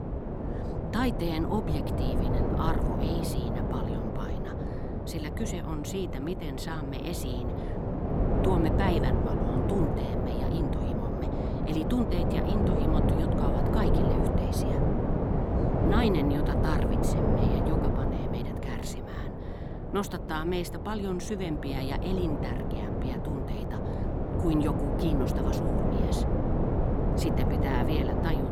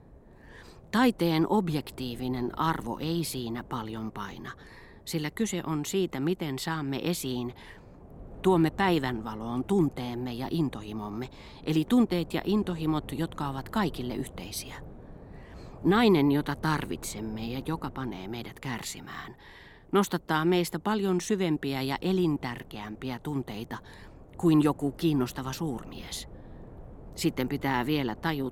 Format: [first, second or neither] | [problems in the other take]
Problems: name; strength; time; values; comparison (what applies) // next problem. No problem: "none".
second | wind noise on the microphone; heavy; 2 dB above the speech; occasional gusts in the second